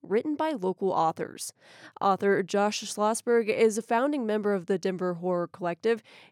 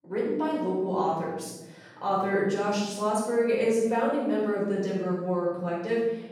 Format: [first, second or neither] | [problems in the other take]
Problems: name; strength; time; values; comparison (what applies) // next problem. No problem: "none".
first | off-mic speech; far // room echo; strong; dies away in 1.2 s